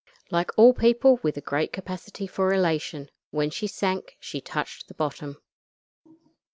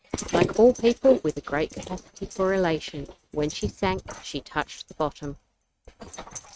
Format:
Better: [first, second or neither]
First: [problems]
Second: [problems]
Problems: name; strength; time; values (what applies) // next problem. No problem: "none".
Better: first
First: none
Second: noise reduction (neural mask model RNNoise)